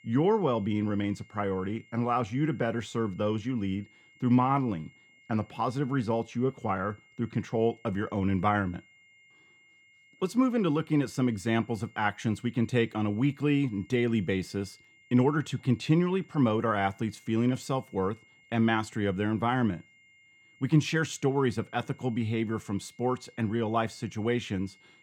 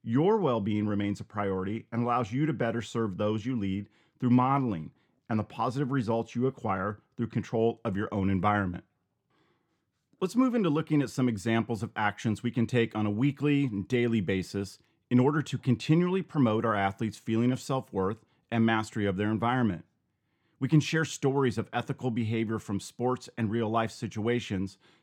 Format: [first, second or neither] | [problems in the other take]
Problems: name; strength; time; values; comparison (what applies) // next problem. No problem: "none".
second | high-pitched whine; faint; throughout; 2 kHz, 30 dB below the speech